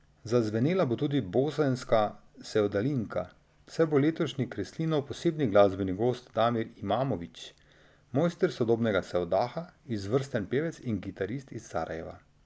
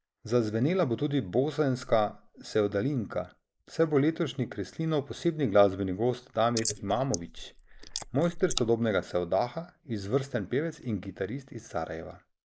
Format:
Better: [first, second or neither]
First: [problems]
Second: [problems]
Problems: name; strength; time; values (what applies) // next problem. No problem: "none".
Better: first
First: none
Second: noise reduction (neural mask model Resemble Enhance denoiser)